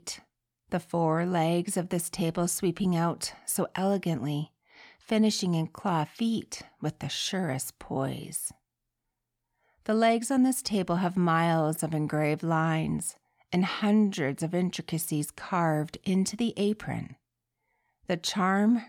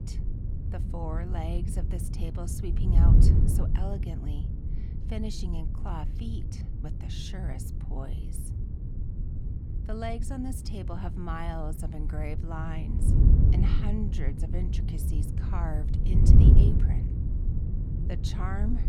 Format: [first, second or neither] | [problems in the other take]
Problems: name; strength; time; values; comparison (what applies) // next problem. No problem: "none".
first | wind noise on the microphone; heavy; 1 dB below the speech